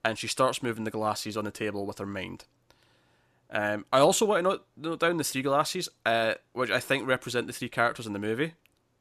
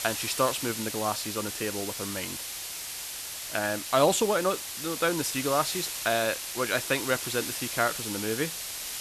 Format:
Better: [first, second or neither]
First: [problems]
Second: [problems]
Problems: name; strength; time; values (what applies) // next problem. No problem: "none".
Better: first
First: none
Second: hiss; loud; throughout; 4 dB below the speech